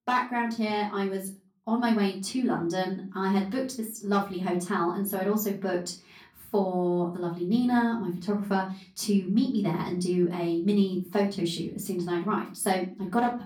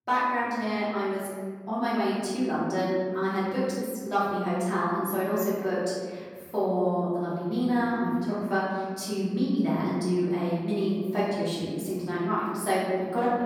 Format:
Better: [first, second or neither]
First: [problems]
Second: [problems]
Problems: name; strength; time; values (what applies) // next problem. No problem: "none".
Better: first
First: room echo; slight; dies away in 0.3 s // off-mic speech; far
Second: room echo; strong; dies away in 1.8 s // off-mic speech; far